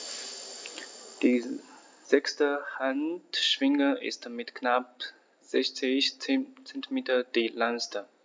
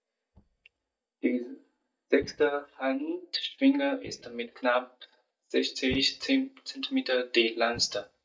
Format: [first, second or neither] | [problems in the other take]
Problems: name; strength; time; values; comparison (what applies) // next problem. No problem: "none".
first | noise reduction (neural mask model DeepFilterNet 3)